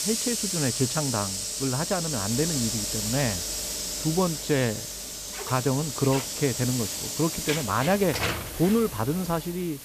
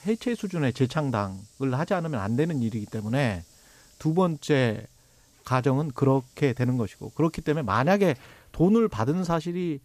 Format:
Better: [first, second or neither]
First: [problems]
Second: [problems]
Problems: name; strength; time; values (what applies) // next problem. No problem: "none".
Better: second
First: hiss; loud; throughout; 2 dB below the speech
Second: hiss; faint; throughout; 30 dB below the speech